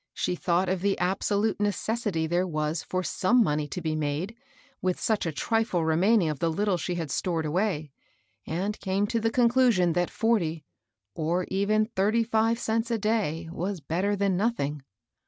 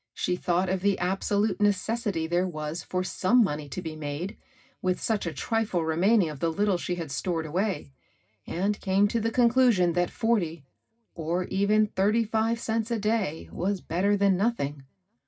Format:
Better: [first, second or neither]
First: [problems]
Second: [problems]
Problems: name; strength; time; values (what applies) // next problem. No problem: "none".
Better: first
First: none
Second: room echo; dies away in 0.4 s